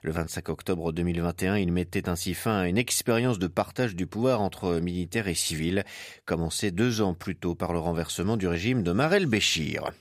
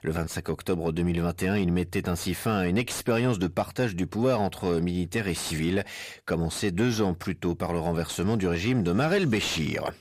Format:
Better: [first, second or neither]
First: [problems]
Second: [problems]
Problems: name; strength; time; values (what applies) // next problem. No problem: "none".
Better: first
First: none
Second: distortion; slight; 10 dB below the speech